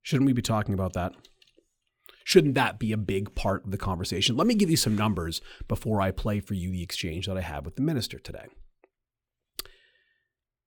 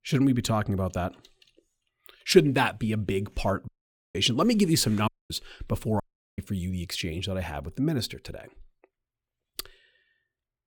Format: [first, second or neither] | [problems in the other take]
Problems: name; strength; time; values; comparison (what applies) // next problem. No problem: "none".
first | audio cutting out; at 3.5 s, at 5 s and at 6 s